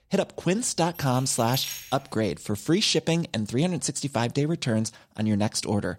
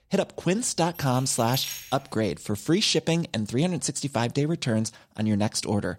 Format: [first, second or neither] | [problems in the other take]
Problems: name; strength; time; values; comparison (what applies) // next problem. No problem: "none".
neither | jangling keys; noticeable; from 1 to 2 s; peak 7 dB below the speech; the same in both